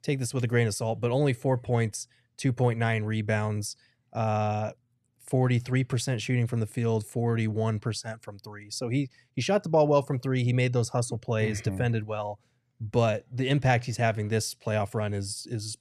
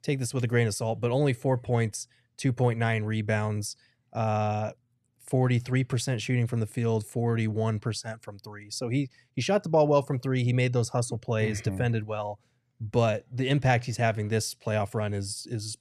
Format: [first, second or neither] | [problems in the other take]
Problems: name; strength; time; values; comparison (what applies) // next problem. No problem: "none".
neither | none